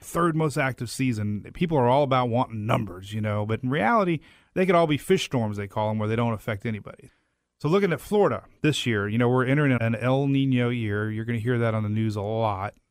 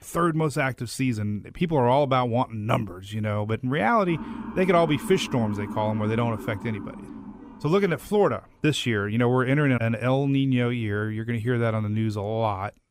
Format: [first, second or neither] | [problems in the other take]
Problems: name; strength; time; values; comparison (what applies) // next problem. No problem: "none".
first | siren; noticeable; from 4 to 8 s; peak 9 dB below the speech